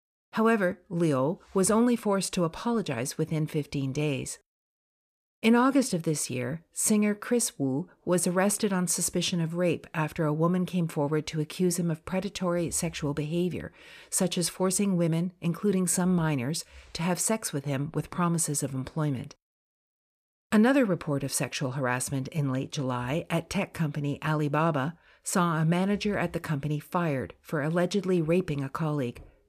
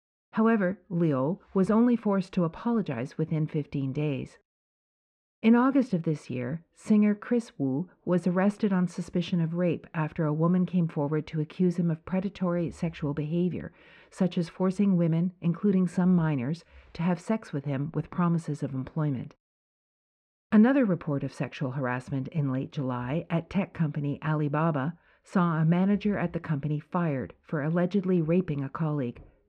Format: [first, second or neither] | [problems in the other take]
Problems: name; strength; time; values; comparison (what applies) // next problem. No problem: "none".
first | muffled; very; fading above 2.5 kHz